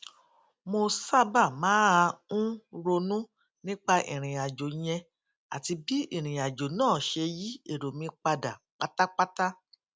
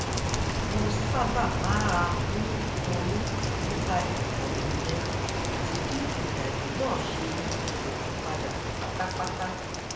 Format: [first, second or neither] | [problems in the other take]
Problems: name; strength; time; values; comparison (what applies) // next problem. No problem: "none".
first | background sound (Rain); 5 dB above the speech // room echo; dies away in 0.7 s